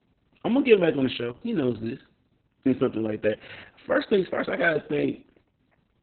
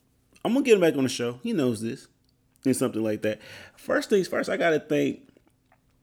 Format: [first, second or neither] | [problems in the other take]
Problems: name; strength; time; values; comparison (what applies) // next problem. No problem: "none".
second | garbled, watery; badly; nothing above 4 kHz